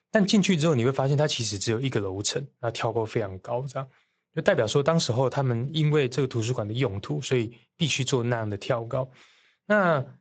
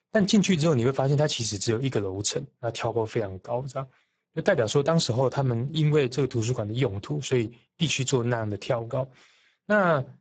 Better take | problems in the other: first | garbled, watery; badly; nothing above 7.5 kHz; slightly in the first

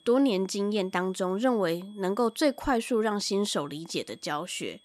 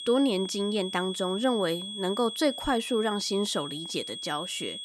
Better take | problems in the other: first | high-pitched whine; loud; throughout; 3.5 kHz, 7 dB below the speech; faint in the first

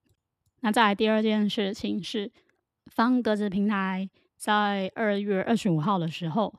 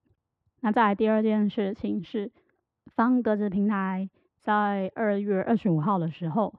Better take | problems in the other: first | muffled; very; fading above 1.5 kHz

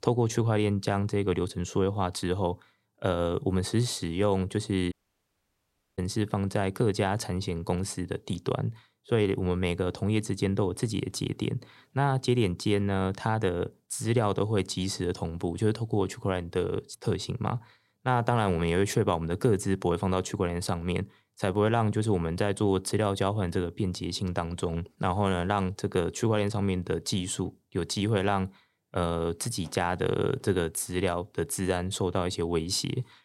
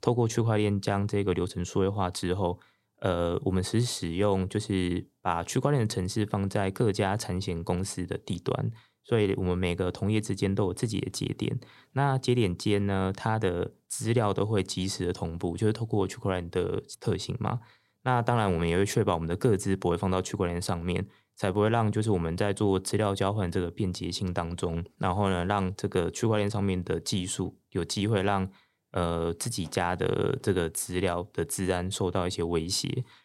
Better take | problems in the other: second | audio cutting out; at 5 s for 1 s

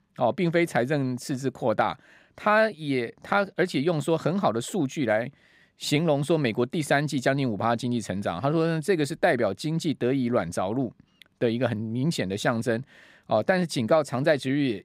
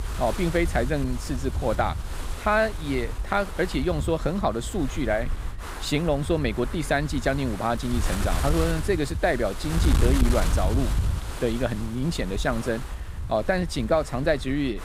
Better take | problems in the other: first | wind noise on the microphone; occasional gusts; 10 dB below the speech

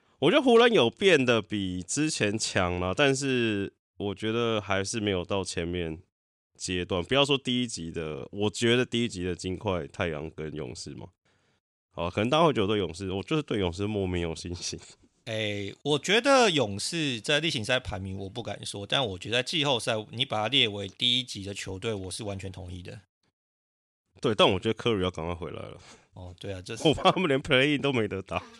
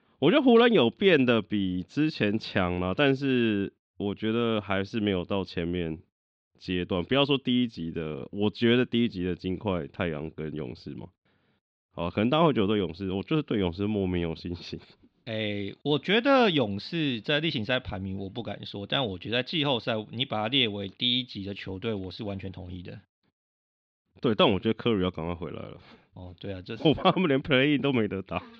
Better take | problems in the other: first | muffled; slightly; fading above 4 kHz

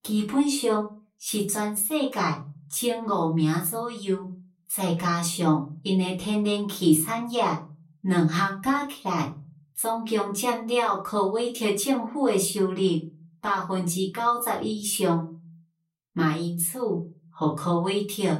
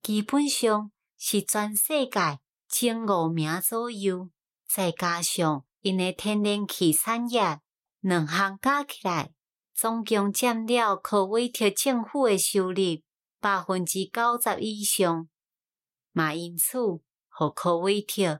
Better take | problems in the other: second | off-mic speech; far // room echo; very slight; dies away in 0.4 s

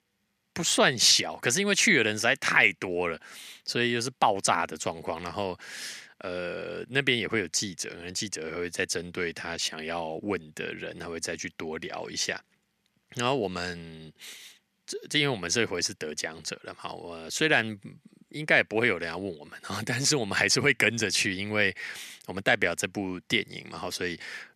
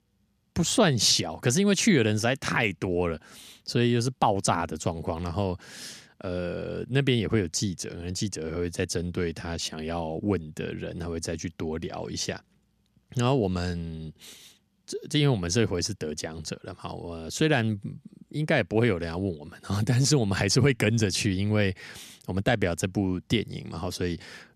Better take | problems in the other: second | thin; somewhat; fading below 550 Hz

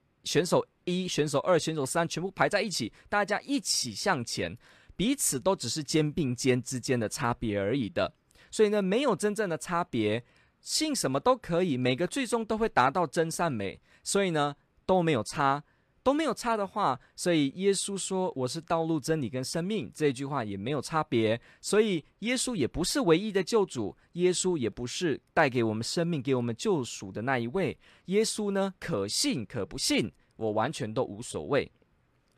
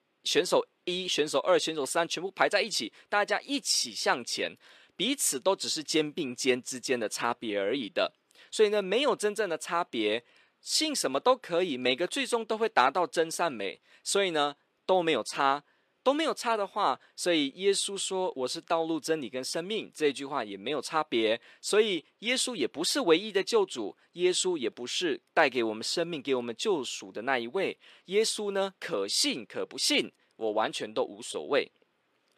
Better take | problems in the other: first | thin; very slightly; fading below 350 Hz

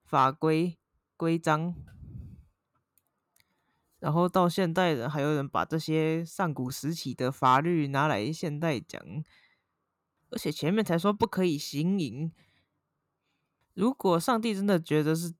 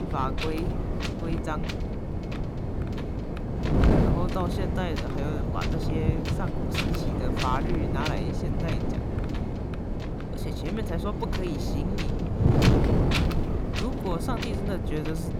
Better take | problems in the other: first | wind noise on the microphone; heavy; 2 dB above the speech

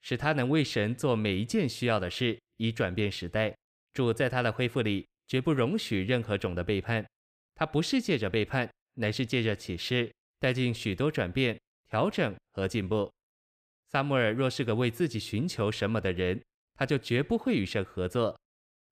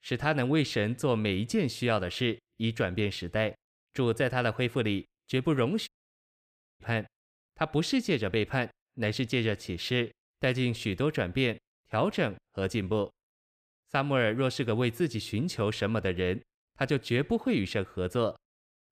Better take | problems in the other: first | audio cutting out; at 6 s for 1 s

